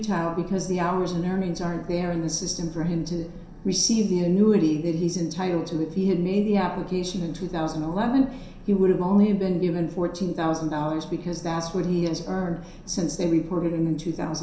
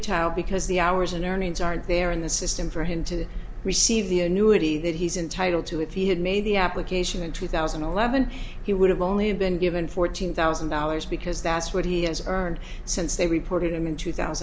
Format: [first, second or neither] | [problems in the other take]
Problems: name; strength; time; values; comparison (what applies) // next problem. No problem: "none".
second | room echo; dies away in 0.7 s